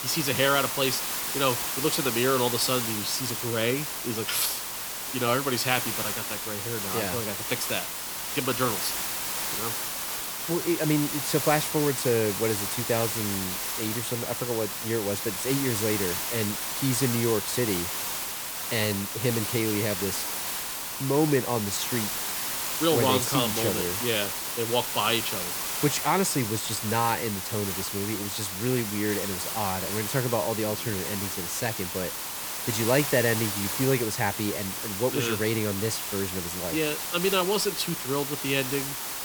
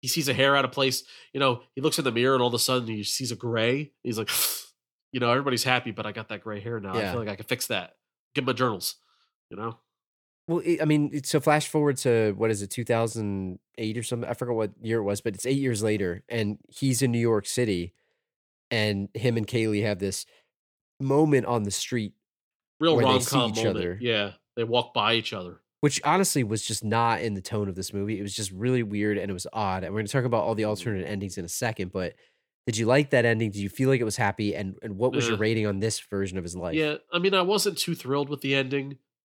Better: second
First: hiss; loud; throughout; 1 dB below the speech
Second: none

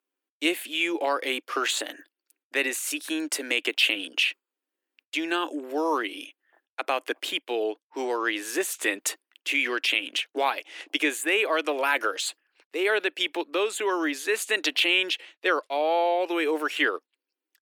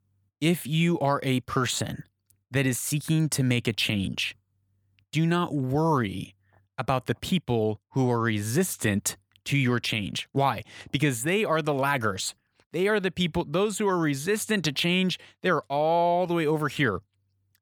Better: second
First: thin; somewhat; fading below 300 Hz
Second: none

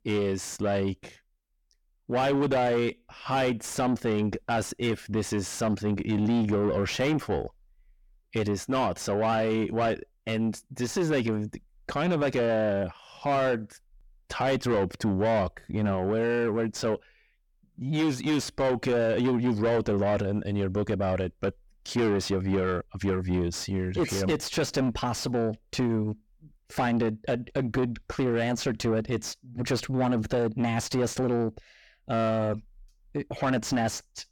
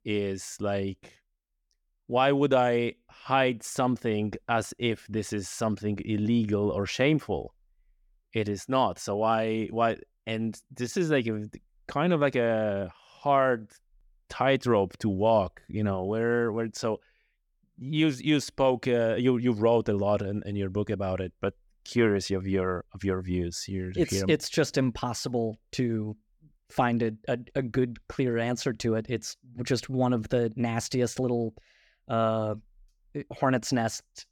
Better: second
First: distortion; heavy; 7 dB below the speech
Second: none

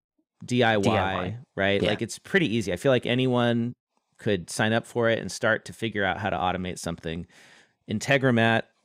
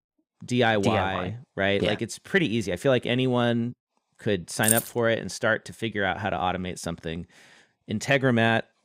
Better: first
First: none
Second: jangling keys; loud; at 4.5 s; peak 2 dB above the speech

